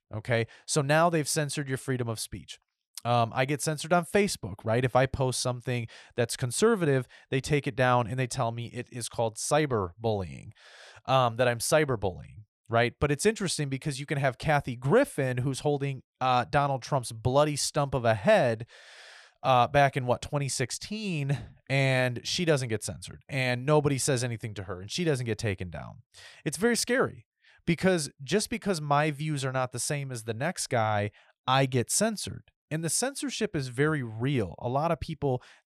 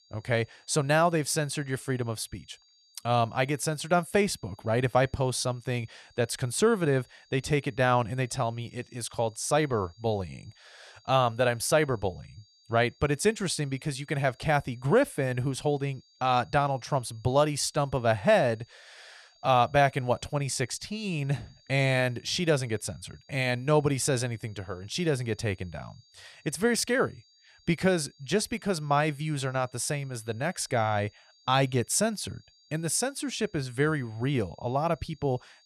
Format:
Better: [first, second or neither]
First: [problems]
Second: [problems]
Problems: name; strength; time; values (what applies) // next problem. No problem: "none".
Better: first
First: none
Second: high-pitched whine; faint; throughout; 4.5 kHz, 30 dB below the speech